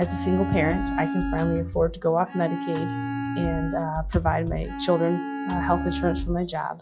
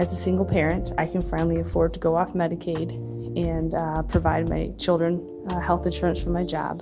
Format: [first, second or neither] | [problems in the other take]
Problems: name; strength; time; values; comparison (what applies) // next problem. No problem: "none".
second | noise reduction (classical method log-MMSE)